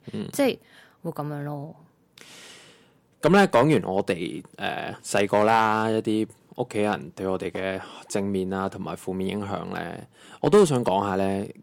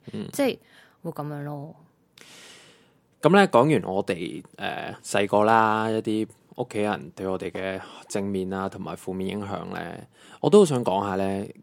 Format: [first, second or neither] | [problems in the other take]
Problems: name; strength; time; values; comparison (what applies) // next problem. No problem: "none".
second | distortion; slight; 1% of the sound clipped